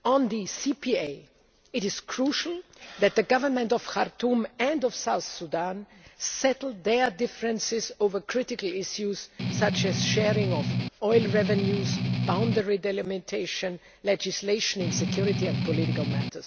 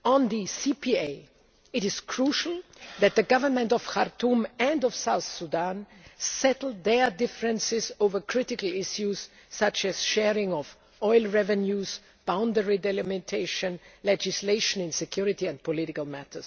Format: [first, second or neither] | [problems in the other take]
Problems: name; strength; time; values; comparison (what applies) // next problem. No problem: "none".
second | background sound (Strum); as loud as the speech